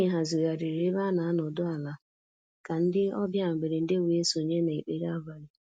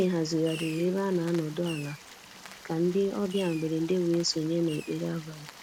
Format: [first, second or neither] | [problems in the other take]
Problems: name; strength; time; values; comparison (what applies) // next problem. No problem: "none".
first | background sound (Stream + Fireworks); 17 dB below the speech